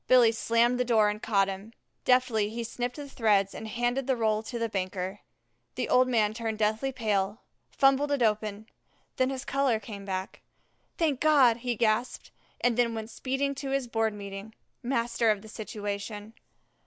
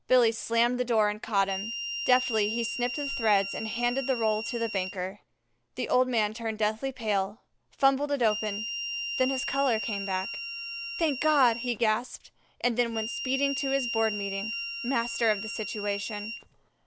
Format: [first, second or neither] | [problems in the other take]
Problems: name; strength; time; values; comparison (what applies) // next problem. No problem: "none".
first | background sound (Harmonica); 6 dB below the speech